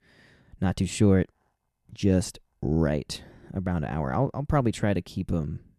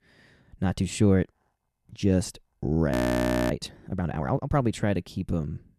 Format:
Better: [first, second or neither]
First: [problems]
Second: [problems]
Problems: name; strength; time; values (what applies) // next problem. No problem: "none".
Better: first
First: none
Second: audio freezing; at 3 s for 0.5 s